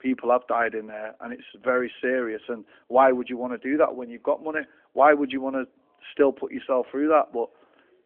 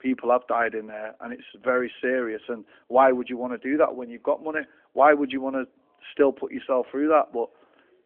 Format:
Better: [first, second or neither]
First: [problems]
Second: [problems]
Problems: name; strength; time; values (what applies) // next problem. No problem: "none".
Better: neither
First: phone-call audio; nothing above 3.5 kHz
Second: phone-call audio; nothing above 3.5 kHz